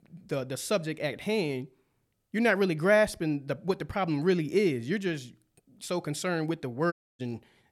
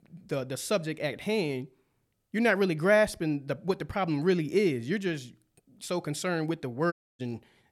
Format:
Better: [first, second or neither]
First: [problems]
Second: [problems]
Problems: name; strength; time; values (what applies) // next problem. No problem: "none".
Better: neither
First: audio cutting out; at 7 s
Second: audio cutting out; at 7 s